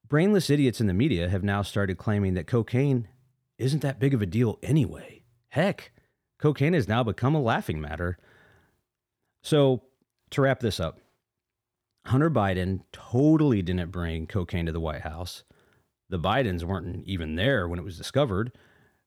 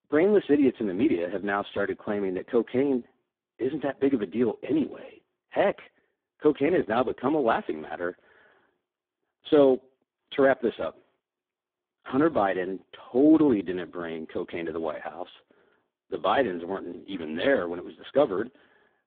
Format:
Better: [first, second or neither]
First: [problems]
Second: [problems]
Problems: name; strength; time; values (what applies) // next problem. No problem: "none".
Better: first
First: none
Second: phone-call audio; poor line